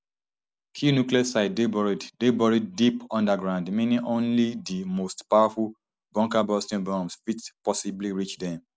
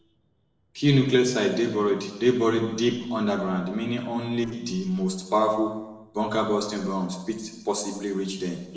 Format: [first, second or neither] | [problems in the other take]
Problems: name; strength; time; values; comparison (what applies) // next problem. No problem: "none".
first | noise reduction (neural separator model SepFormer DNS4)